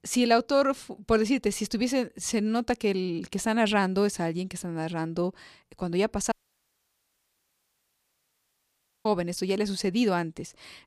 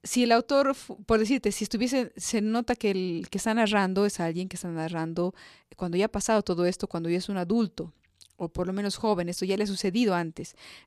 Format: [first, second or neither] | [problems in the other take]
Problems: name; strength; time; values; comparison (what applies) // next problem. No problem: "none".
second | audio cutting out; at 6.5 s for 2.5 s